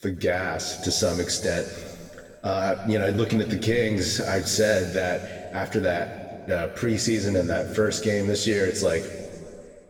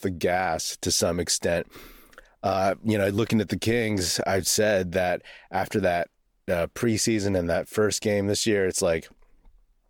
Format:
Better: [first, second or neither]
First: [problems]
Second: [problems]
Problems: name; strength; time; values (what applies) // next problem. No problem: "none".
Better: second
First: room echo; noticeable; dies away in 2 s // off-mic speech; somewhat distant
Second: none